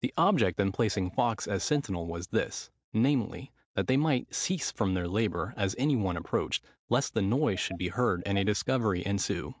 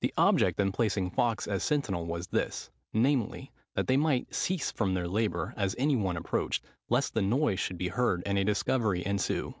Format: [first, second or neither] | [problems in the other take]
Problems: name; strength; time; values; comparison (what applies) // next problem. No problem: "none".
second | noise reduction (neural mask model DeepFilterNet 3)